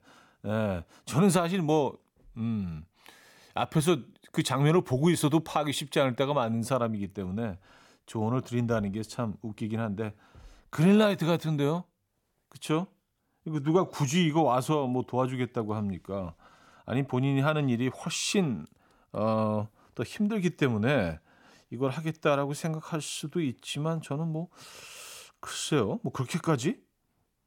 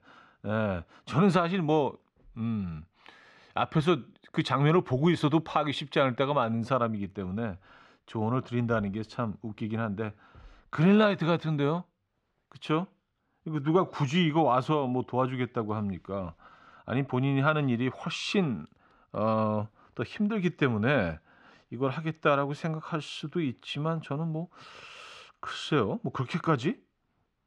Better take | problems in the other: first | muffled; slightly; fading above 3.5 kHz

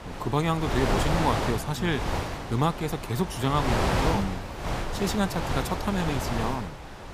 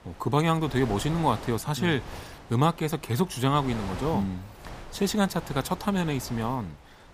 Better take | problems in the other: second | wind noise on the microphone; heavy; 1 dB below the speech; occasional gusts in the second

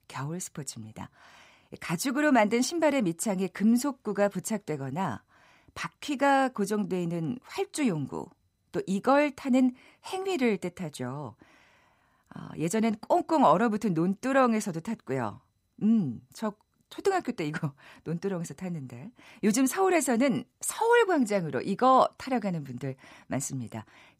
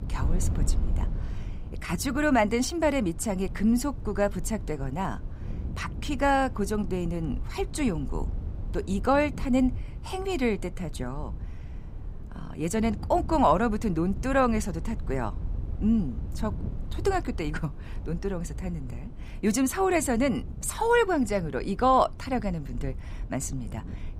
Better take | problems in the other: first | wind noise on the microphone; occasional gusts; 20 dB below the speech

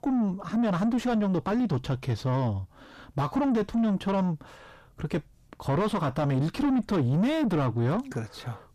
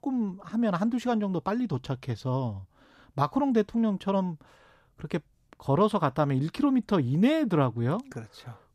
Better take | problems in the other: second | distortion; heavy; 6 dB below the speech

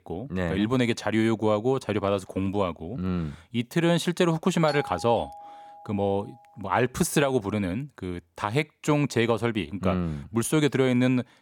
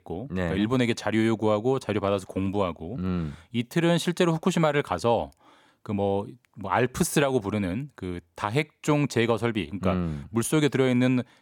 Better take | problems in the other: second | doorbell; faint; from 4.5 to 6.5 s; peak 10 dB below the speech

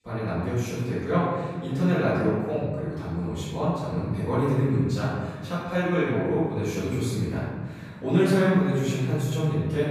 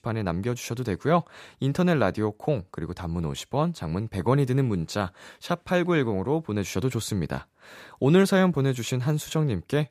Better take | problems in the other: second | room echo; strong; dies away in 1.5 s // off-mic speech; far

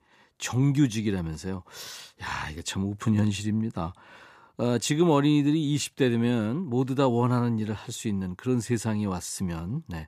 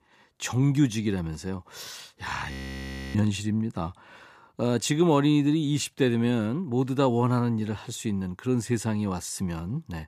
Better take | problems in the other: first | audio freezing; at 2.5 s for 0.5 s

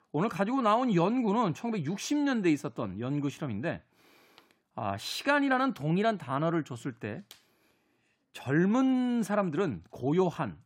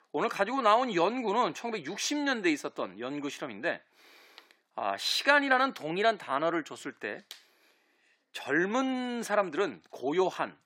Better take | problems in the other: first | thin; somewhat; fading below 450 Hz

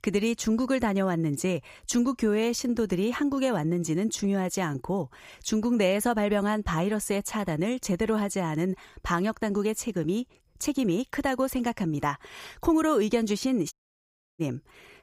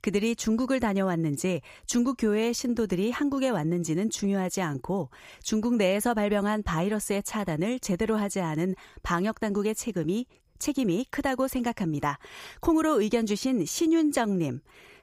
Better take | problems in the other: second | audio cutting out; at 14 s for 0.5 s

